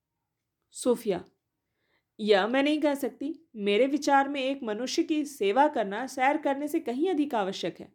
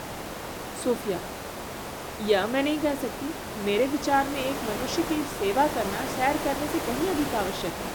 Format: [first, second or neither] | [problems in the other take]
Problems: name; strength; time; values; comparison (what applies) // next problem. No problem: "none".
first | hiss; loud; throughout; 5 dB below the speech